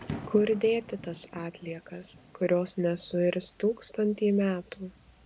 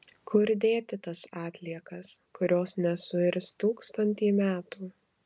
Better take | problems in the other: second | background sound (Thunder / Rain); 17 dB below the speech

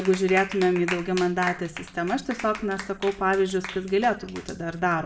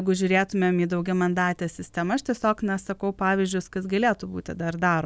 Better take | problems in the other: second | background sound (Clapping); 13 dB below the speech // room echo; dies away in 0.6 s

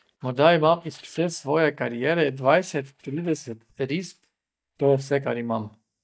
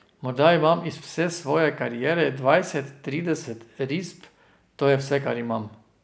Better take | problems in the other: second | noise reduction (neural mask model DeepFilterNet 3)

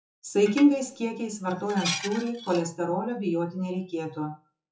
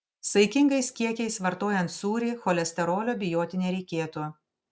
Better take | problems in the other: second | noise reduction (classical method WPE with log-MMSE)

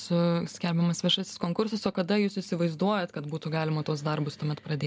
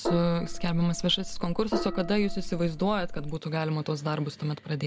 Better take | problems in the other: first | background sound (Gong); 4 dB below the speech

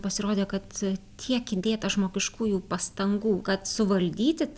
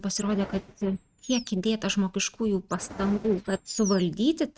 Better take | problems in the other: first | noise reduction (neural mask model RNNoise)

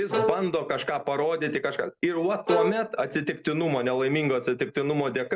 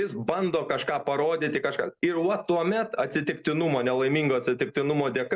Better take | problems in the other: second | background sound (Bowed string instrument); 6 dB below the speech

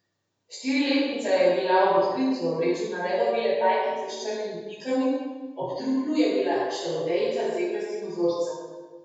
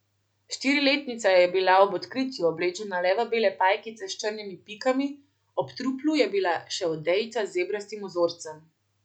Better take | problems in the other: second | room echo; dies away in 1.2 s

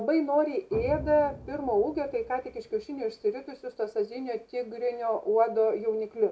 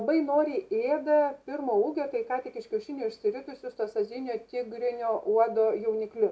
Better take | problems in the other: second | background sound (Explosion); 16 dB below the speech

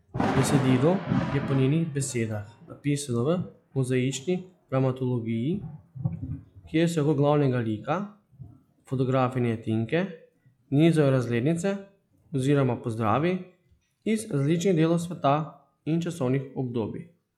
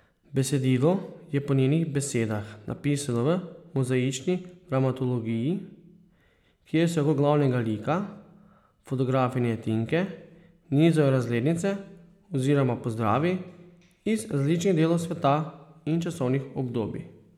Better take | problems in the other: second | noise reduction (classical method log-MMSE)

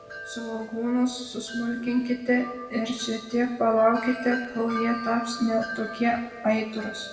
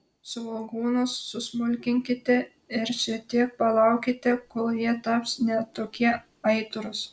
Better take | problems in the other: second | background sound (Wind chime); 13 dB below the speech // room echo; dies away in 1 s

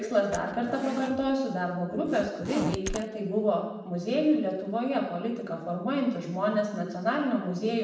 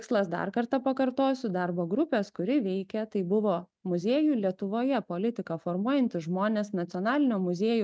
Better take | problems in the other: second | background sound (Zipper (clothing)); 10 dB below the speech // room echo; dies away in 0.9 s

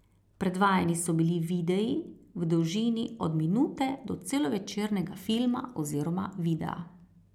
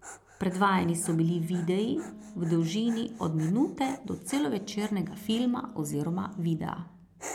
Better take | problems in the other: first | background sound (Wind instrument, woodwind instrument + Dog); 17 dB below the speech

